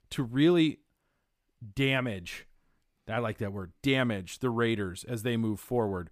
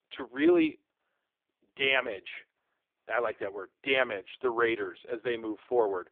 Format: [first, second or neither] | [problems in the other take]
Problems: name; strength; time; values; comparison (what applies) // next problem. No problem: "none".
first | phone-call audio; poor line; nothing above 3.5 kHz